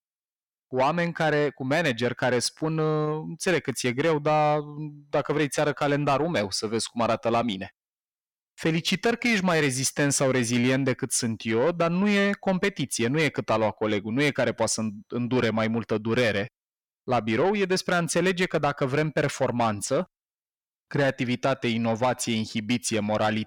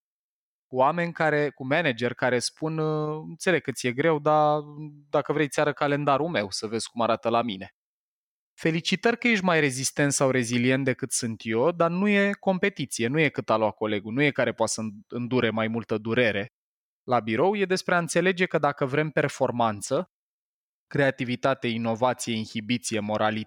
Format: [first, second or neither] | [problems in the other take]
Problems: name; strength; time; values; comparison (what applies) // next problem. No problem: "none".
second | distortion; slight; 10 dB below the speech